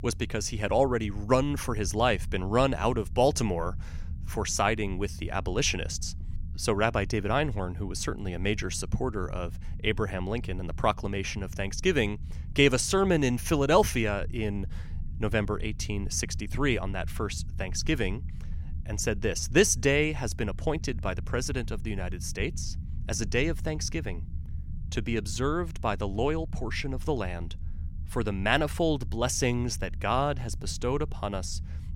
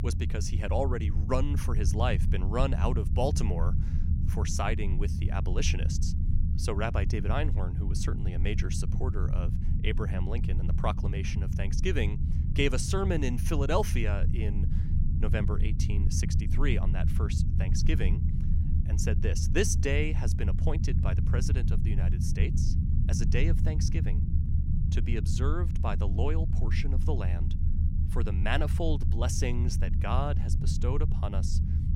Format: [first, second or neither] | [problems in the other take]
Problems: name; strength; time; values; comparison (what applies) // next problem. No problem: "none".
first | low rumble; loud; throughout; 8 dB below the speech; faint in the first